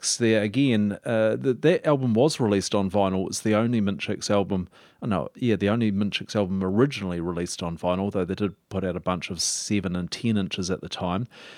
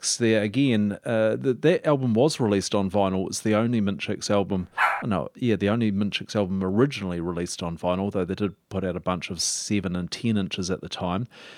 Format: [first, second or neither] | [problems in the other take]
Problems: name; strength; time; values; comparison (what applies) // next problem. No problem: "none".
first | dog barking; loud; at 5 s; peak 1 dB above the speech